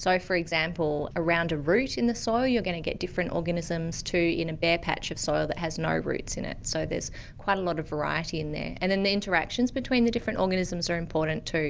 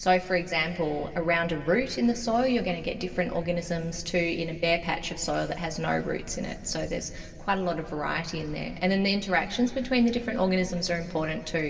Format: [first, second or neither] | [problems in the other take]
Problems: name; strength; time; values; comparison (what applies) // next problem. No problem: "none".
first | room echo; dies away in 2.4 s